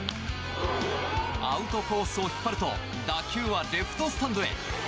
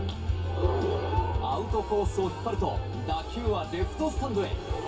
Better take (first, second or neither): first